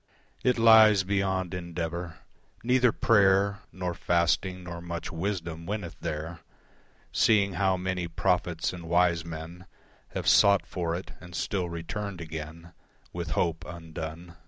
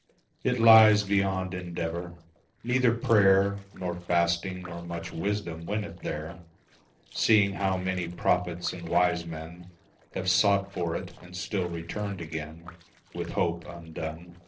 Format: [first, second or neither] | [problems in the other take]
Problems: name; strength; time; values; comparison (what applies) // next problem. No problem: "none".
first | noise reduction (neural separator model SepFormer DNS4)